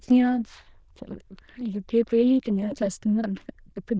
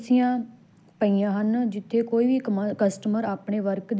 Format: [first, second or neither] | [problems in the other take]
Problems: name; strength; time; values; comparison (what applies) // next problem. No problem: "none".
second | noise reduction (neural diffusion model UNIVERSE++)